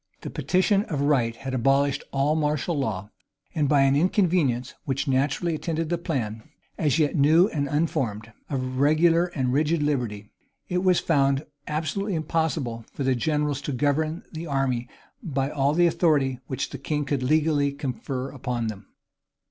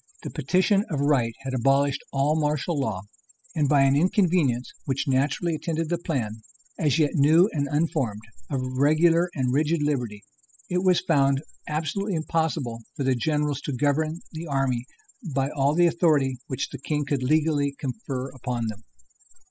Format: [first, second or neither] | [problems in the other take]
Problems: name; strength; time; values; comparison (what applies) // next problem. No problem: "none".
first | noise reduction (classical method spectral subtraction)